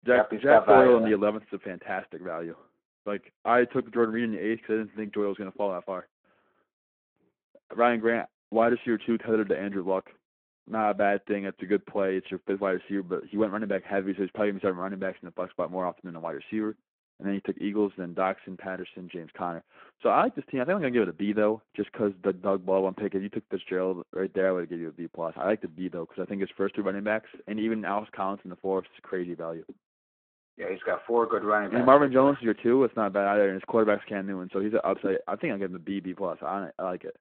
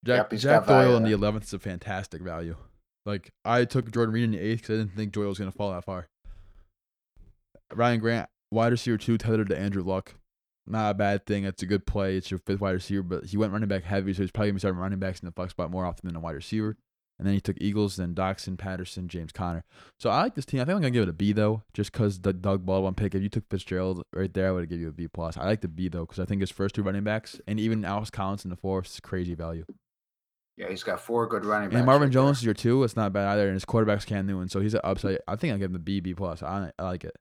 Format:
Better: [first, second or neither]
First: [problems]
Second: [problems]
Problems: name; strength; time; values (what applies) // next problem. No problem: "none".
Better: second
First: phone-call audio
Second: none